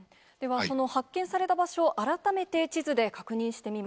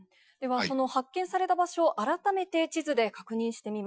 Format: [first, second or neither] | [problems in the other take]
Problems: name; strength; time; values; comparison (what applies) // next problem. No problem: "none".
first | noise reduction (classical method Wiener filter)